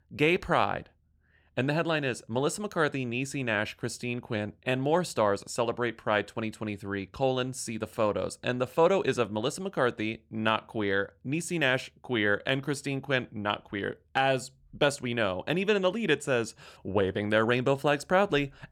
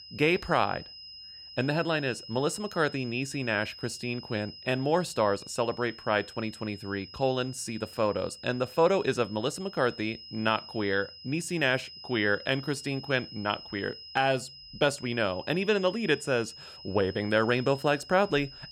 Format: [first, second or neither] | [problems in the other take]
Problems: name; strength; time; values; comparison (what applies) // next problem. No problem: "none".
first | high-pitched whine; noticeable; throughout; 5 kHz, 15 dB below the speech